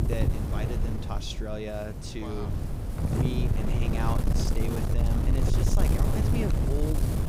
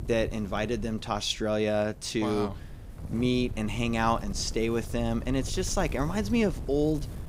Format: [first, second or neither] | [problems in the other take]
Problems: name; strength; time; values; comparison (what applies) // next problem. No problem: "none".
second | wind noise on the microphone; heavy; as loud as the speech; occasional gusts in the second